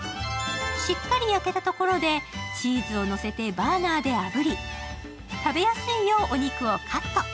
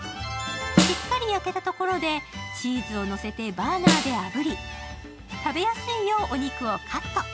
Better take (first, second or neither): first